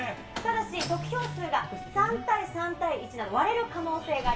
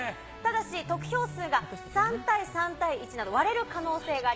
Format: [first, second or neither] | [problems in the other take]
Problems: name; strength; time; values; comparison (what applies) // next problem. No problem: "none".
second | background sound (Slam); 13 dB below the speech // room echo; dies away in 0.3 s